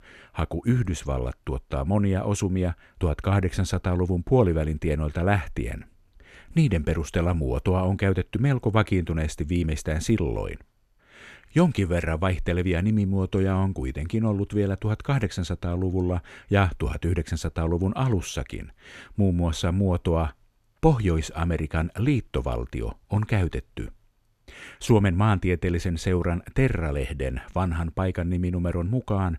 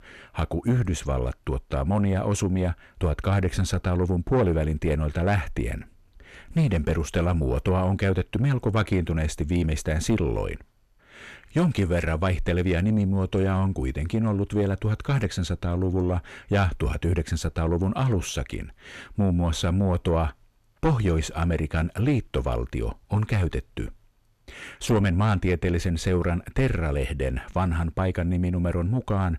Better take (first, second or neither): first